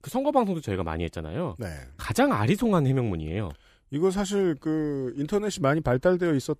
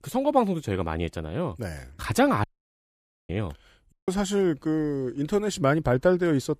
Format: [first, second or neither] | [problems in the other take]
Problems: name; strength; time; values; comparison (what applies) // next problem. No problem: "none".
first | audio cutting out; at 2.5 s for 1 s and at 4 s